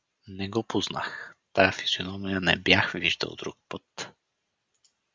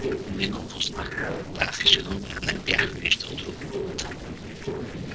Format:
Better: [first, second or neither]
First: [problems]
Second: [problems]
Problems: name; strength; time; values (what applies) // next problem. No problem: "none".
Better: first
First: none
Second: noise reduction (neural separator model SepFormer DNS4)